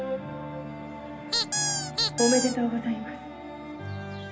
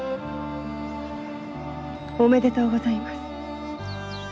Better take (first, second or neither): second